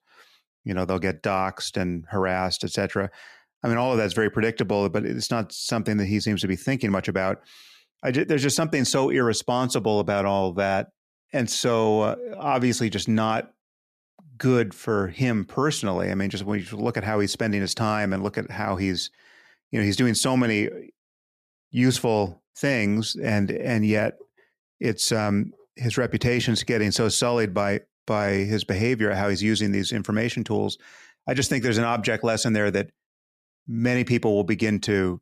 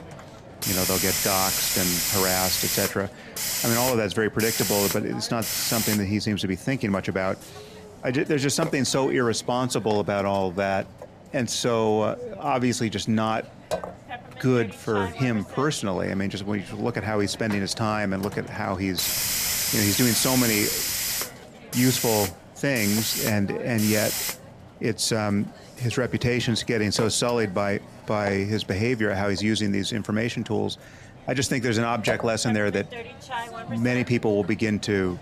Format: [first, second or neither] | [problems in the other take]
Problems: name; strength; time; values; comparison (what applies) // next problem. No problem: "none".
first | hiss; loud; throughout; 1 dB below the speech